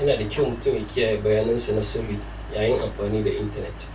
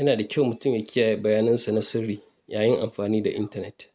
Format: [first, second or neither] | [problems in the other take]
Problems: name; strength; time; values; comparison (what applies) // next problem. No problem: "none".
second | background sound (Mechanical fan); 11 dB below the speech // room echo; dies away in 0.2 s